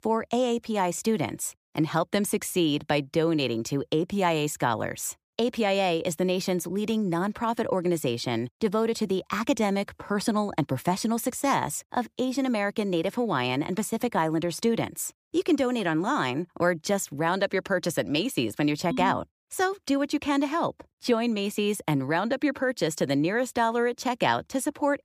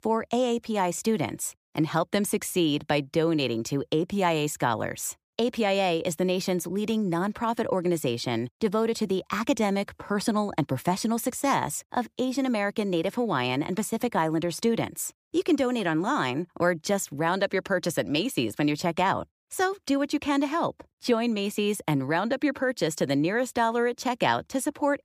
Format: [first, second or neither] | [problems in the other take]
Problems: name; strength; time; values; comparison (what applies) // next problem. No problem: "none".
second | phone ringing; noticeable; at 19 s; peak 6 dB below the speech